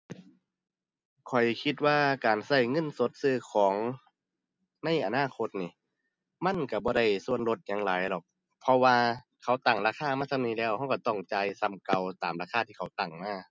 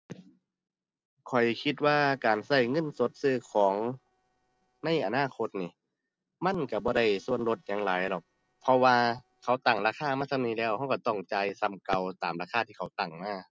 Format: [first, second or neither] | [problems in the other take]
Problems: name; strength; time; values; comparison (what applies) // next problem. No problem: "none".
first | noise reduction (neural separator model SepFormer DNS4)